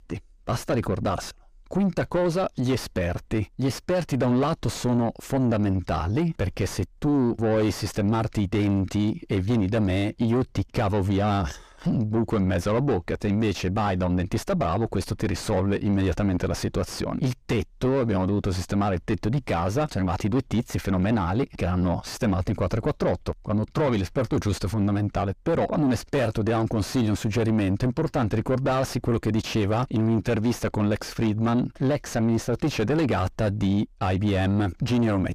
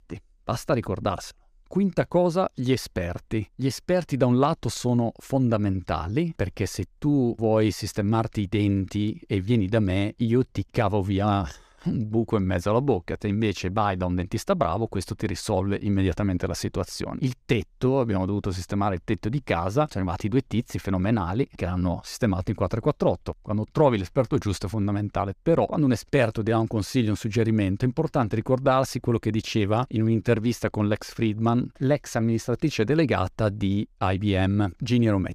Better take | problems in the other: second | distortion; heavy; 6 dB below the speech

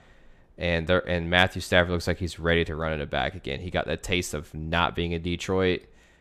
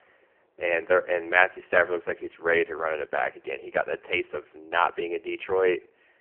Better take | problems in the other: first | phone-call audio; poor line; nothing above 3 kHz

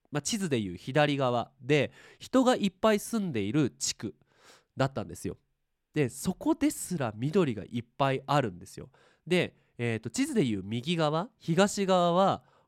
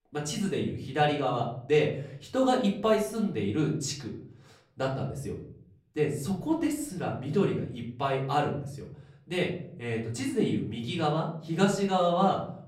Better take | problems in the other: first | off-mic speech; far // room echo; slight; dies away in 0.6 s

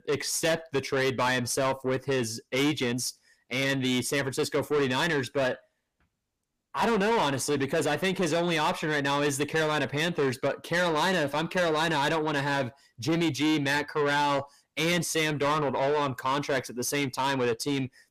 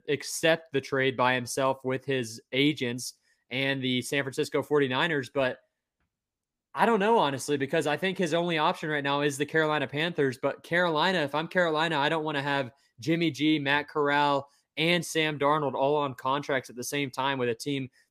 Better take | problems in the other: second | distortion; heavy; 7 dB below the speech

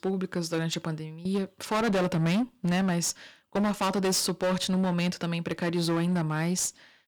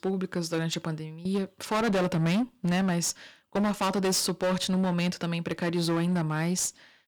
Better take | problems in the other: neither | distortion; heavy; 18% of the sound clipped; the same in both

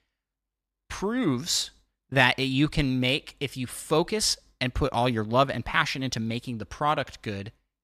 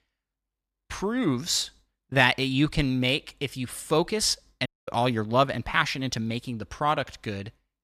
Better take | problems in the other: first | audio cutting out; at 4.5 s

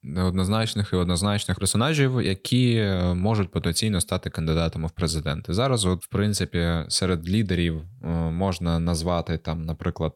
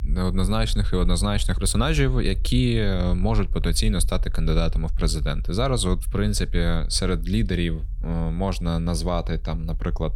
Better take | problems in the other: first | low rumble; faint; throughout; 25 dB below the speech

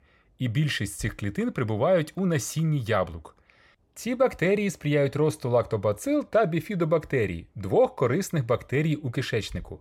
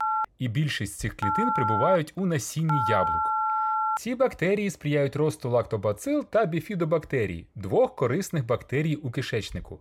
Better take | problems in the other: first | phone ringing; loud; until 4 s; peak 2 dB above the speech

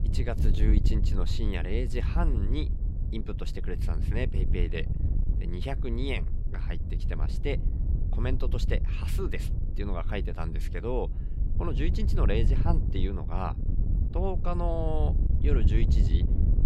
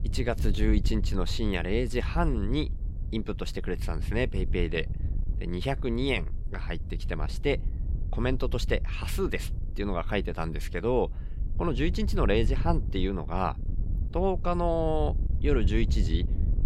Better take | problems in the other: second | wind noise on the microphone; heavy; 8 dB below the speech; occasional gusts in the second

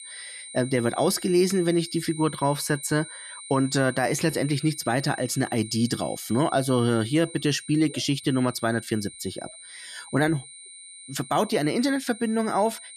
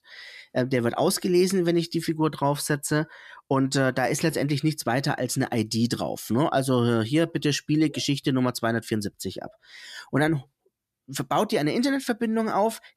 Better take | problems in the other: second | high-pitched whine; noticeable; throughout; 9 kHz, 15 dB below the speech

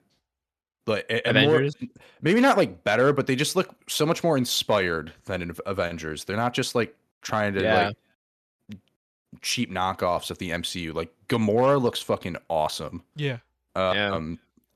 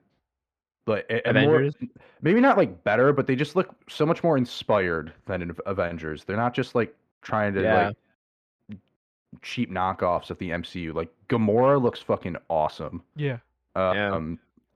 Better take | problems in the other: first | muffled; slightly; fading above 4 kHz

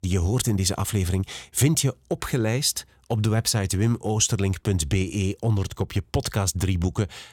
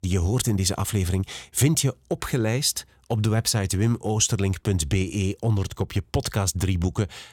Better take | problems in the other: neither | none

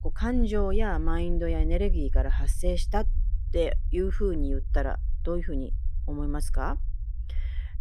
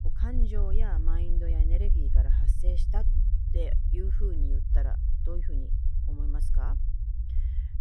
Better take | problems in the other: first | low rumble; loud; throughout; 4 dB below the speech; faint in the first

